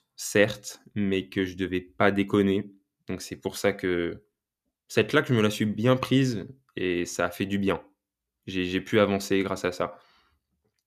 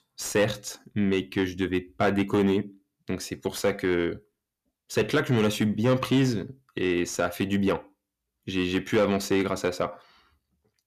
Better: first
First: none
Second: distortion; slight; 10 dB below the speech

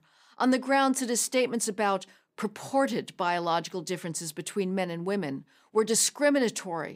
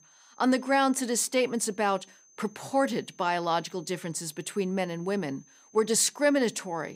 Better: first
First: none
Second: high-pitched whine; faint; throughout; 6.5 kHz, 30 dB below the speech

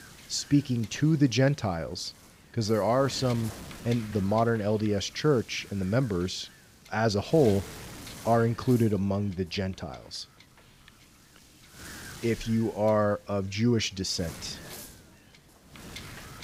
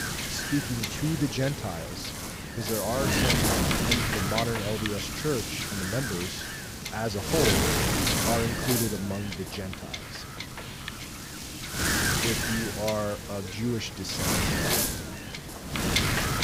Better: first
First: wind noise on the microphone; occasional gusts; 15 dB below the speech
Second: wind noise on the microphone; heavy; 5 dB above the speech

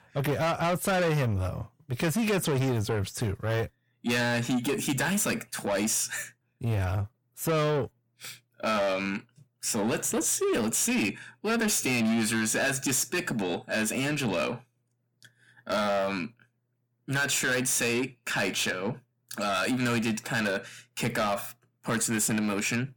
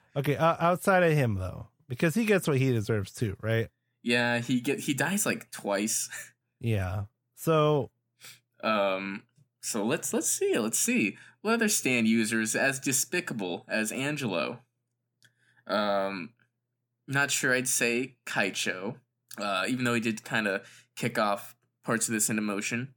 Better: second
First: distortion; heavy; 7 dB below the speech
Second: none

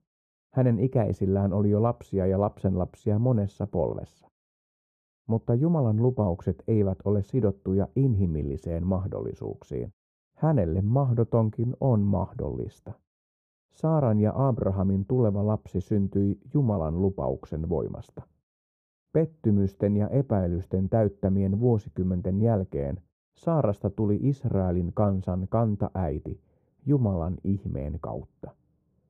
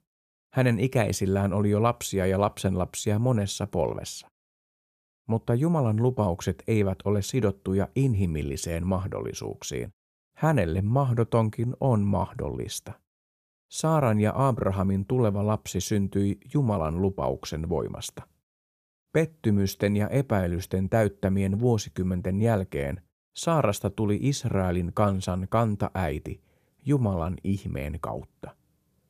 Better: second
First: muffled; very; fading above 1.5 kHz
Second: none

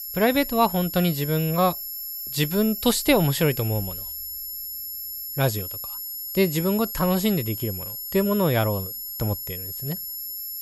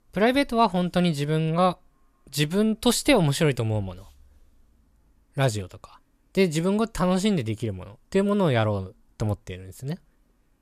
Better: second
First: high-pitched whine; loud; throughout; 11.5 kHz, 7 dB below the speech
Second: none

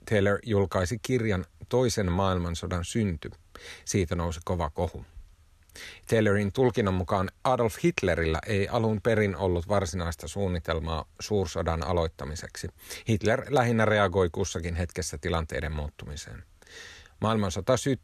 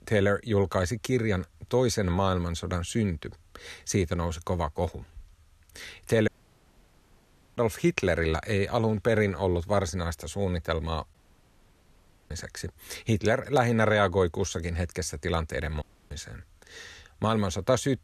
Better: first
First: none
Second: audio cutting out; at 6.5 s for 1.5 s, at 11 s for 1 s and at 16 s

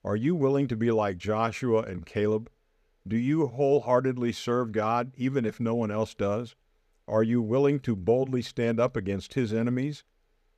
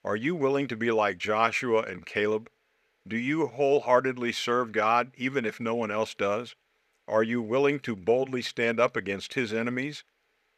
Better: first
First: none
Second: thin; very slightly; fading below 450 Hz

